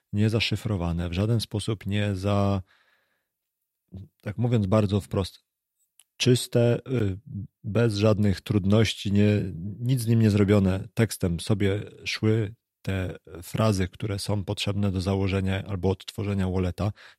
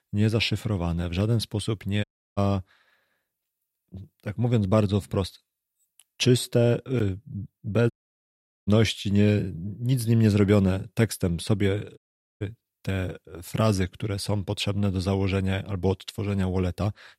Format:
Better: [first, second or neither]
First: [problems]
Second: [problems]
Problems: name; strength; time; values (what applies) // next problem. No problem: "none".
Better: first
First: none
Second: audio cutting out; at 2 s, at 8 s for 1 s and at 12 s